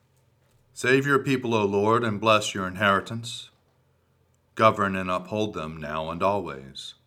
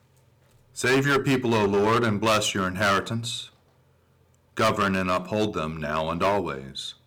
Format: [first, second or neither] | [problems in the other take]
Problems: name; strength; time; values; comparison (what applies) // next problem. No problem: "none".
first | distortion; heavy; 9% of the sound clipped